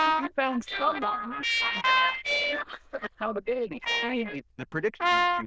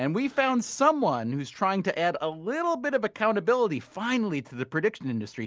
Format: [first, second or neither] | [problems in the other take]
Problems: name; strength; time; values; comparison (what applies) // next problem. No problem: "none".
second | noise reduction (neural diffusion model UNIVERSE++)